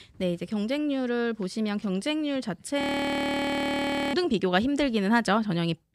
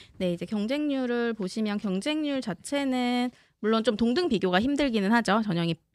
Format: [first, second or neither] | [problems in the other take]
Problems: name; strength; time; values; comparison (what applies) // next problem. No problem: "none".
second | audio freezing; at 3 s for 1.5 s